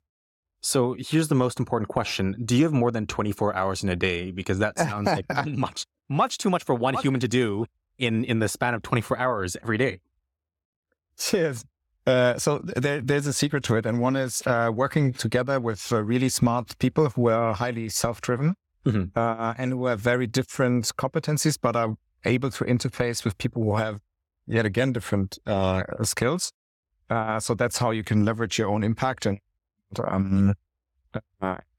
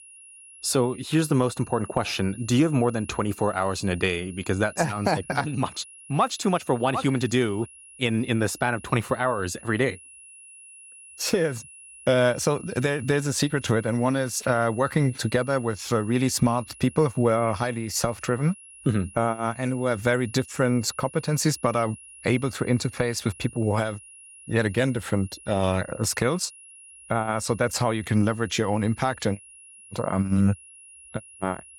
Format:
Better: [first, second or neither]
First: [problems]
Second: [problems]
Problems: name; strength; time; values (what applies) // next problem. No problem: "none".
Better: first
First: none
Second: high-pitched whine; noticeable; throughout; 10.5 kHz, 20 dB below the speech